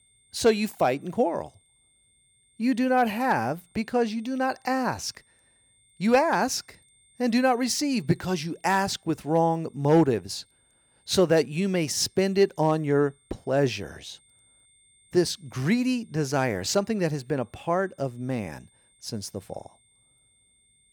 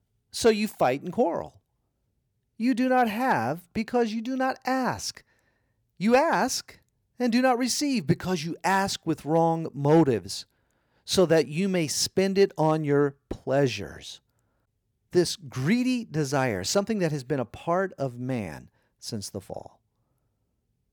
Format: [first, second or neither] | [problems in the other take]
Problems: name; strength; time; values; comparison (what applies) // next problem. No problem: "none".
second | high-pitched whine; faint; throughout; 8.5 kHz, 35 dB below the speech